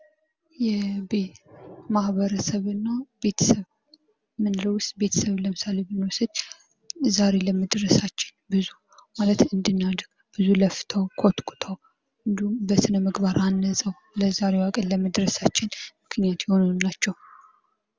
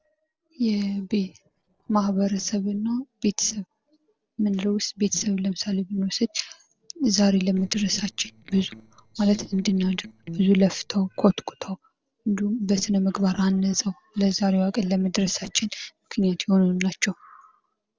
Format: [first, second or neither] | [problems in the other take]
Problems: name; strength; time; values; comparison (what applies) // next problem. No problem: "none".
first | noise reduction (neural separator model SepFormer DNS4)